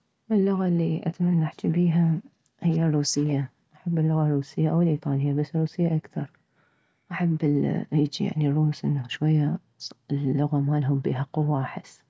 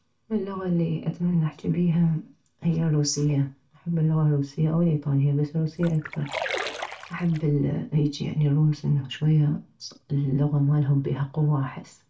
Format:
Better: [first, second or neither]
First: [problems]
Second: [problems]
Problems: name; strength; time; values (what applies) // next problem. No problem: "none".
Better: first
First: none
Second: background sound (Splash, splatter); 10 dB below the speech // room echo; dies away in 0.2 s